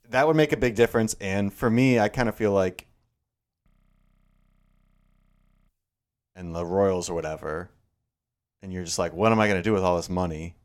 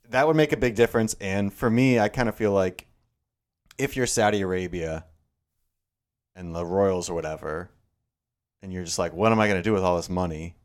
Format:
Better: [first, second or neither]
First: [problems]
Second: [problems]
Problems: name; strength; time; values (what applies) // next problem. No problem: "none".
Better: second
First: audio freezing; at 3.5 s for 2 s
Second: none